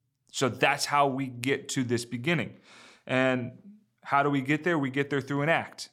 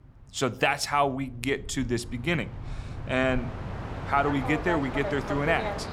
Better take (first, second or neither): first